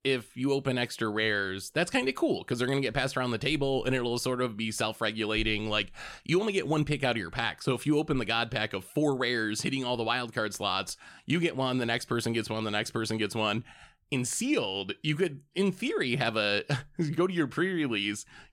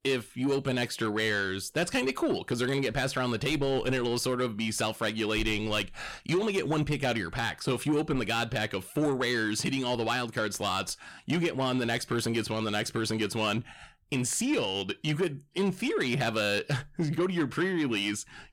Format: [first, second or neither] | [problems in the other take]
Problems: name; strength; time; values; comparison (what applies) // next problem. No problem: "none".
first | distortion; slight; 10 dB below the speech